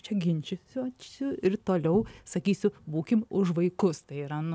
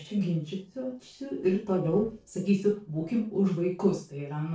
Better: first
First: none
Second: noise reduction (neural separator model SepFormer DNS4)

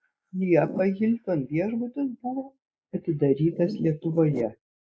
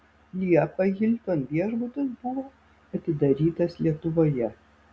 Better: second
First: noise reduction (neural mask model Resemble Enhance denoiser)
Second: none

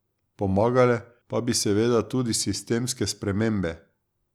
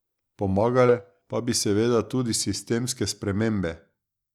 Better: first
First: none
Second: noise reduction (neural mask model DeepFilterNet 3)

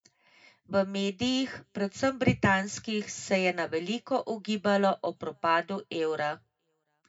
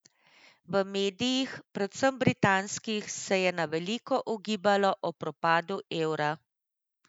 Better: second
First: room echo; dies away in 0.2 s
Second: none

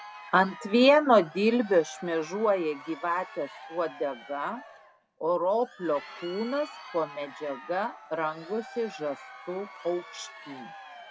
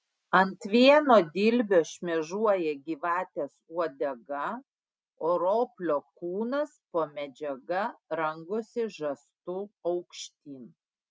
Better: second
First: background sound (Crowd); 18 dB below the speech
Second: none

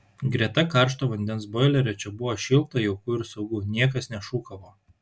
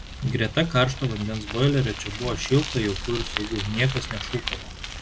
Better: first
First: none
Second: background sound (Bicycle); 8 dB below the speech

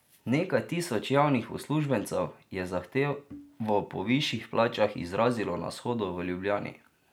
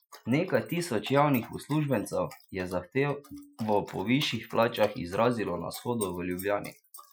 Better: first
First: none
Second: noise reduction (classical method Wiener filter)

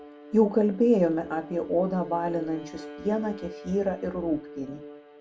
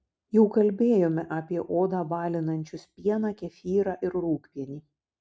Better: second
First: background sound (Bowed string instrument); 15 dB below the speech // room echo; dies away in 0.2 s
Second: none

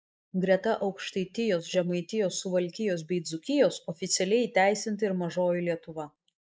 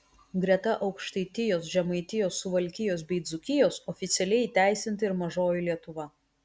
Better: second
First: noise reduction (neural mask model Resemble Enhance denoiser)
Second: none

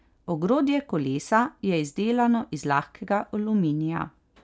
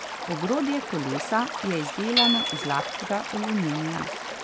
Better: first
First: none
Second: background sound (Stream / Liquid + Hammer / Chink, clink); 2 dB below the speech

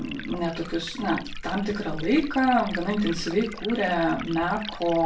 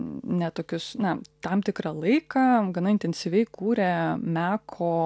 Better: second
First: background sound (Liquid); 11 dB below the speech // room echo; dies away in 0.3 s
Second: none

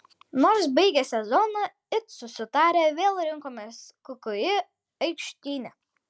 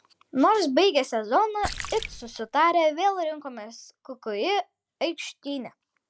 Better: first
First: none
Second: noise reduction (neural mask model Resemble Enhance denoiser)

